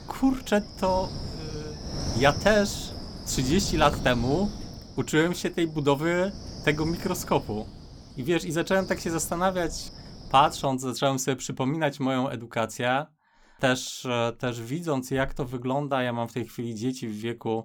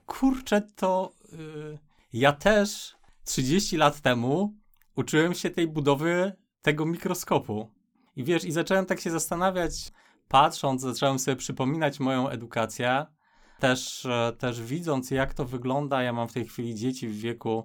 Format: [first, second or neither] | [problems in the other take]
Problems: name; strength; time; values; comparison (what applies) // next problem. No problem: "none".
second | wind noise on the microphone; occasional gusts; until 11 s; 15 dB below the speech